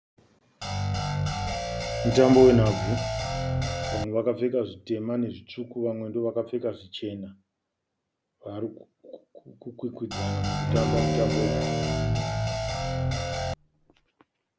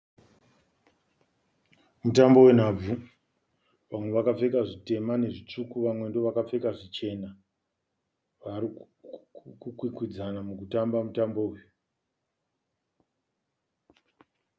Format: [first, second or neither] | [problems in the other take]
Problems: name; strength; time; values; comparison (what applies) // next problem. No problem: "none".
second | background sound (Bowed string instrument + Guitar); 1 dB above the speech